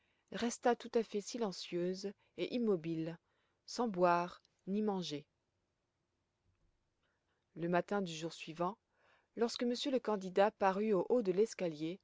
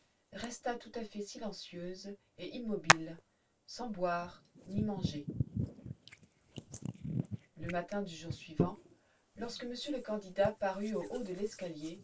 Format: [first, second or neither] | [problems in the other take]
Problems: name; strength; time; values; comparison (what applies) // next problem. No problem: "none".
first | background sound (Hands); as loud as the speech // room echo; dies away in 0.1 s